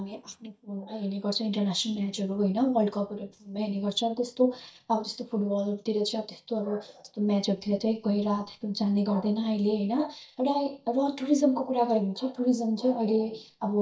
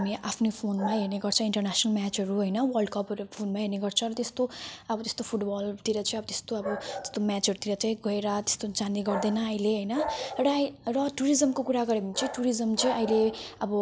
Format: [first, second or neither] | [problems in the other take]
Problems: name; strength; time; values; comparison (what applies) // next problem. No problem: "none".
second | noise reduction (neural mask model DeepFilterNet 3)